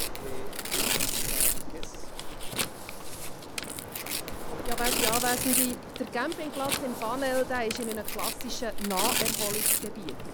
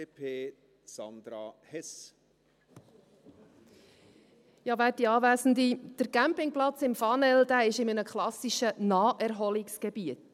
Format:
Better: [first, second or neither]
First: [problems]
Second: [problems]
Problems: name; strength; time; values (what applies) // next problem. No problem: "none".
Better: second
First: background sound (Tearing + Waves, surf); 4 dB above the speech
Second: none